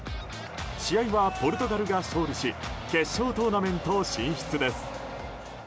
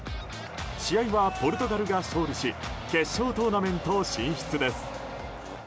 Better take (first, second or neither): first